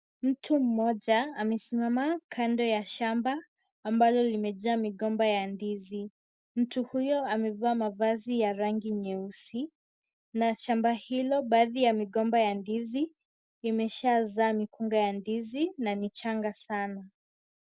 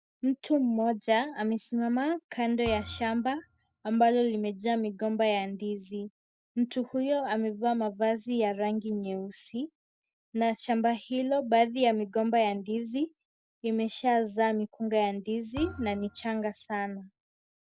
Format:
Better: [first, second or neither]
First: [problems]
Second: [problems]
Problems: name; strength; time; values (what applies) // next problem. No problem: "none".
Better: first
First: none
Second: background sound (Thump, thud); 17 dB below the speech